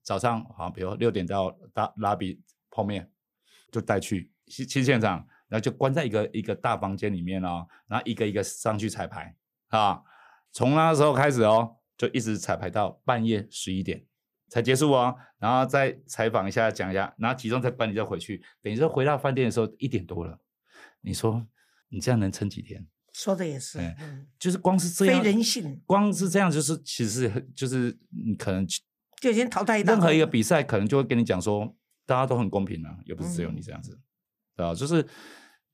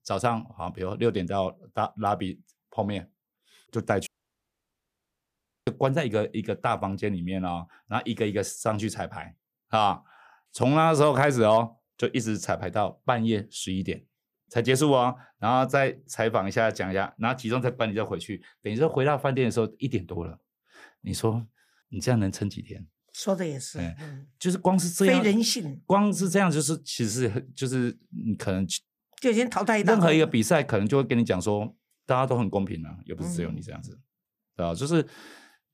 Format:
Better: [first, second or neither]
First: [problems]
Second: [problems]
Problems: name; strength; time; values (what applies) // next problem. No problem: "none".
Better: first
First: none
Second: audio cutting out; at 4 s for 1.5 s